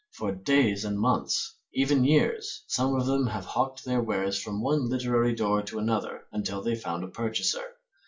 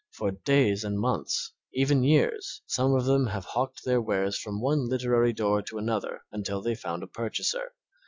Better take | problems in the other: second | room echo; dies away in 0.2 s

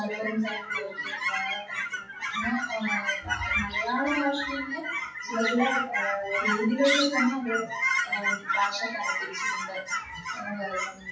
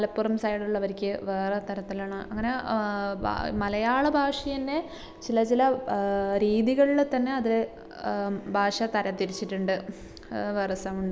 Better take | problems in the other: second | noise reduction (classical method WPE with log-MMSE)

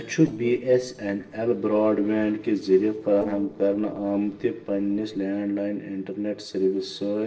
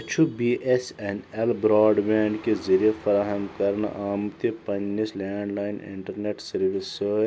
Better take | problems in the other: second | noise reduction (neural separator model SepFormer DNS4)

